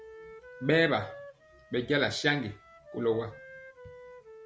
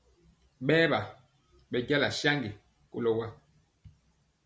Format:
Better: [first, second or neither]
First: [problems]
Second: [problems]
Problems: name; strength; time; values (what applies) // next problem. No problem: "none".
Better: second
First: background sound (Wind instrument, woodwind instrument); 17 dB below the speech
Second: none